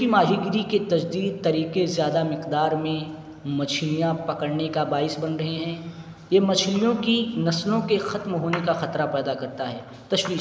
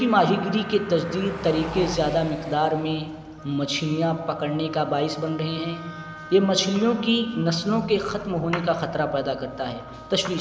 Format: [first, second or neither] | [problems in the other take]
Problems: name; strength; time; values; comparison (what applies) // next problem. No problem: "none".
first | background sound (Wind instrument, woodwind instrument + Car passing by); 16 dB below the speech